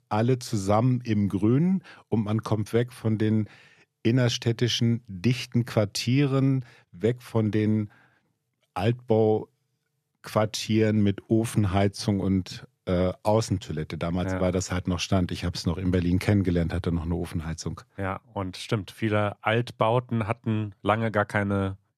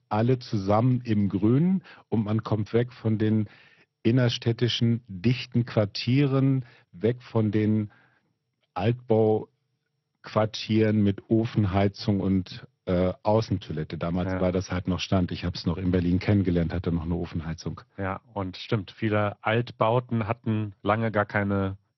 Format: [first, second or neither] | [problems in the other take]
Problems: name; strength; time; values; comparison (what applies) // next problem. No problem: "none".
first | garbled, watery; slightly; nothing above 6 kHz